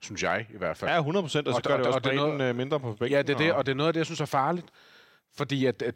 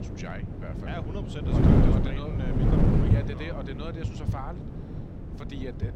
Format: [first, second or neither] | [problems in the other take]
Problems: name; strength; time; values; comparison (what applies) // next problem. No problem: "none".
first | wind noise on the microphone; heavy; 5 dB above the speech